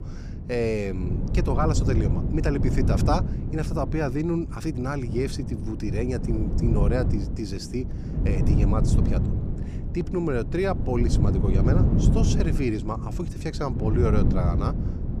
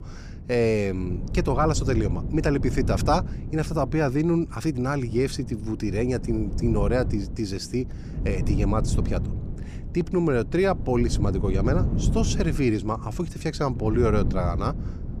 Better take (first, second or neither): second